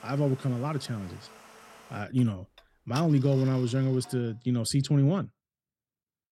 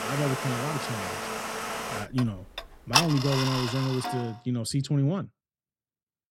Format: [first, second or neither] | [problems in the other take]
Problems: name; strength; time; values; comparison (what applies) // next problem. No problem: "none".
first | household noises; loud; until 3.5 s; 1 dB below the speech; faint in the first